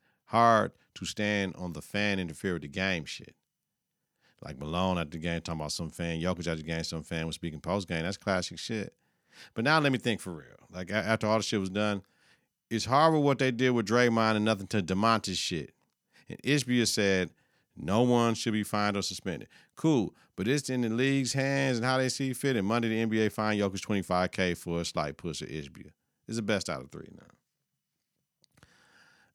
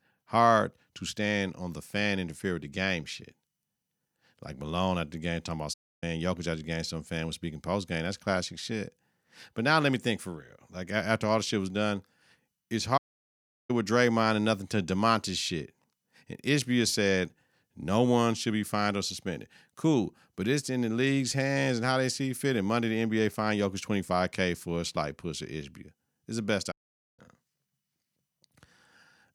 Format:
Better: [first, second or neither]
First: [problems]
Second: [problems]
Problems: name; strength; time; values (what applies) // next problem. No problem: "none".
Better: first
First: none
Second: audio cutting out; at 5.5 s, at 13 s for 0.5 s and at 27 s